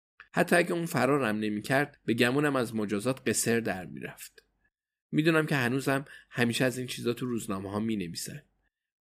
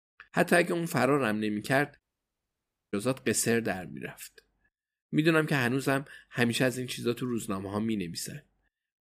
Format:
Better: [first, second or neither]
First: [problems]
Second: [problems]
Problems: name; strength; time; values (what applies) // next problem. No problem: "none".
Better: first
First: none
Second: audio cutting out; at 2 s for 1 s